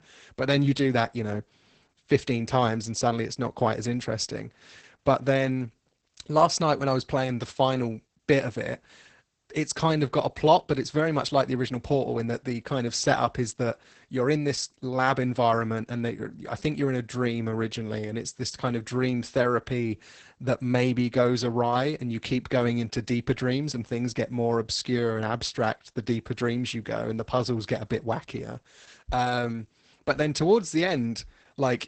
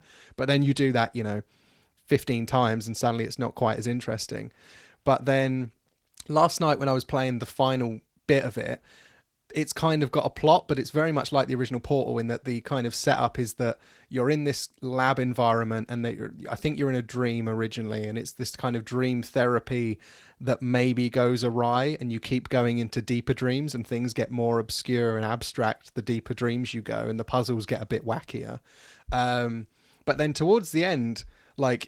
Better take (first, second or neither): second